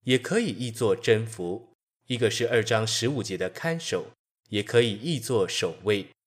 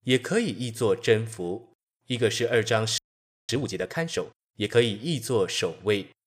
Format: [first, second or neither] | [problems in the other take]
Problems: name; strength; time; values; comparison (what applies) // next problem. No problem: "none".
first | audio freezing; at 3 s for 0.5 s